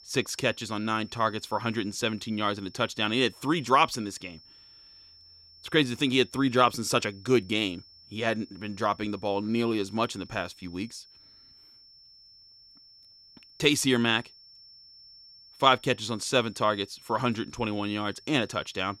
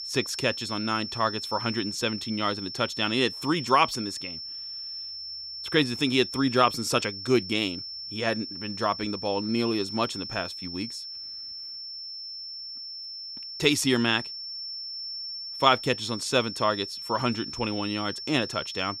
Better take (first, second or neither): first